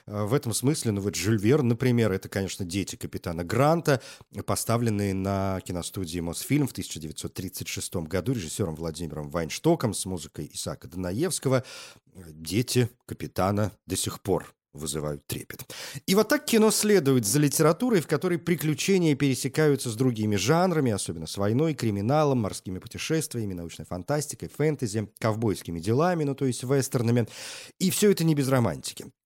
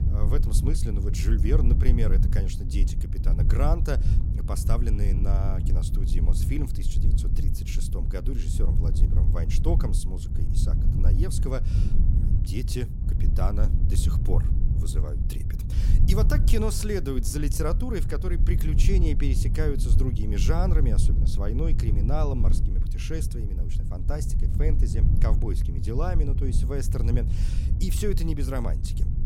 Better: first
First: none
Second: low rumble; loud; throughout; 6 dB below the speech

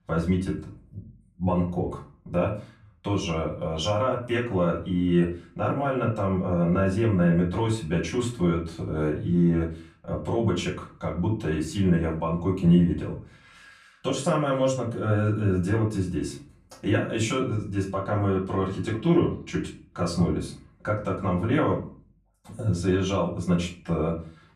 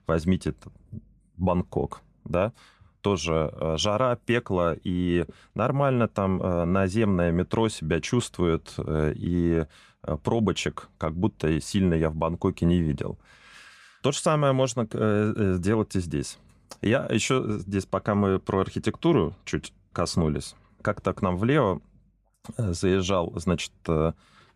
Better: second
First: room echo; slight; dies away in 0.3 s // off-mic speech; far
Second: none

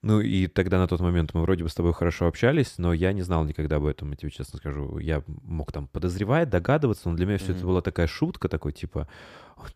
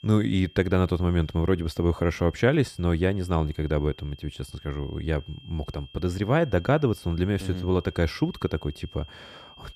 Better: first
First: none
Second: high-pitched whine; faint; throughout; 3 kHz, 25 dB below the speech

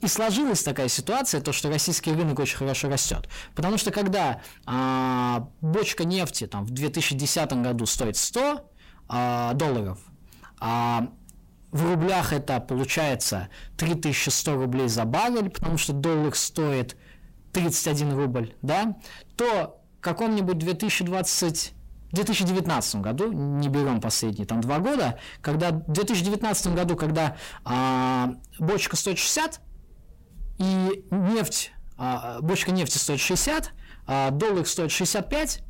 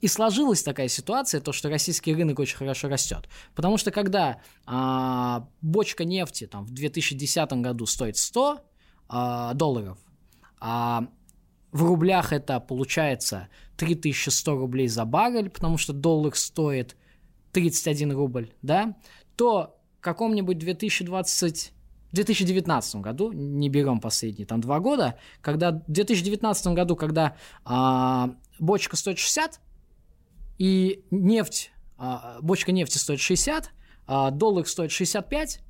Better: second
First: distortion; heavy; 7 dB below the speech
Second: none

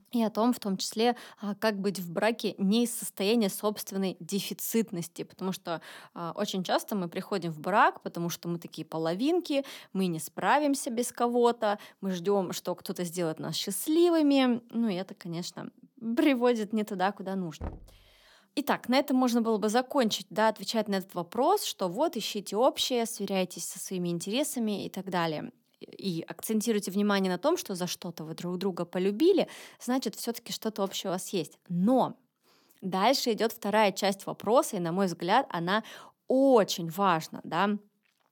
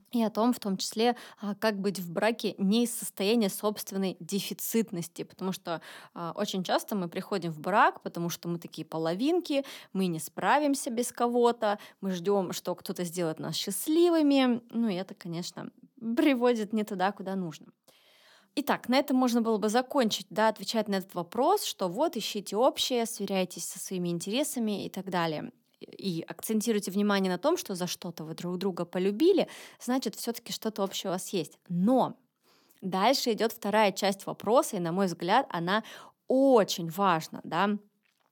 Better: second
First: door banging; faint; at 18 s; peak 15 dB below the speech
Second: none

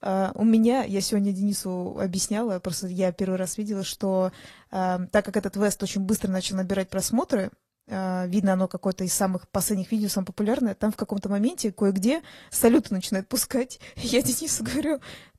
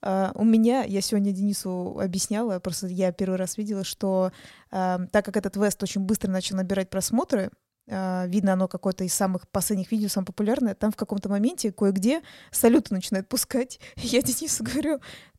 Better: second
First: garbled, watery; slightly; nothing above 12.5 kHz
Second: none

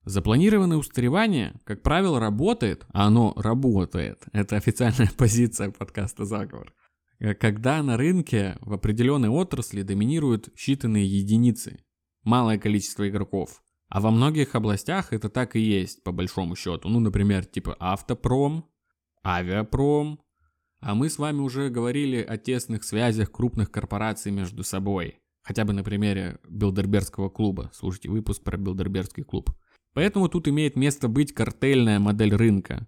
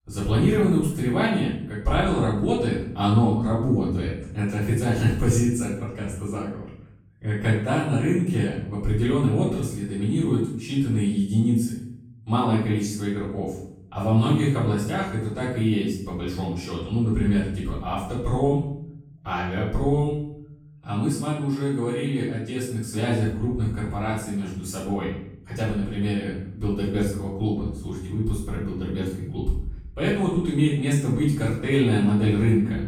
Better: first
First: none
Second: room echo; noticeable; dies away in 0.6 s // off-mic speech; far

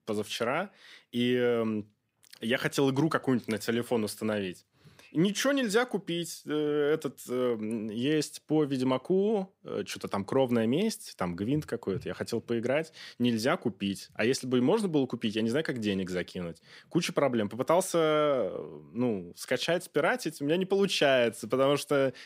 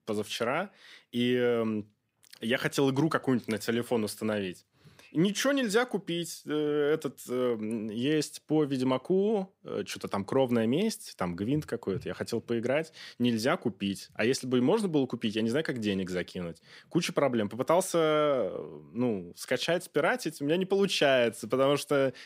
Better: neither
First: none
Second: none

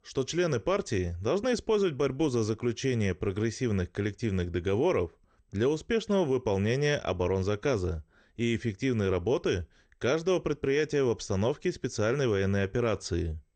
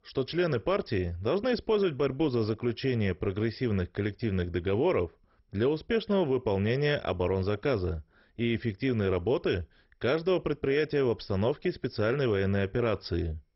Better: first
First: garbled, watery; slightly; nothing above 8.5 kHz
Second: garbled, watery; badly; nothing above 5.5 kHz

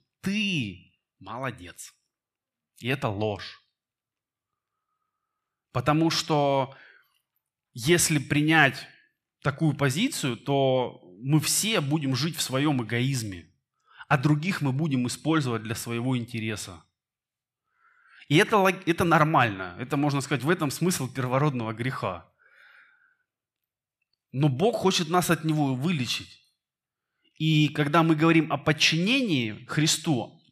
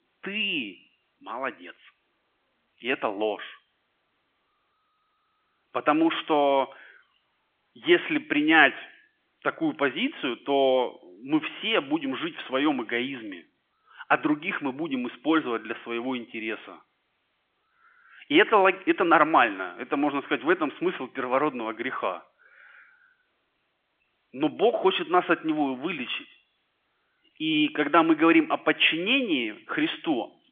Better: first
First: none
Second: phone-call audio; nothing above 3.5 kHz

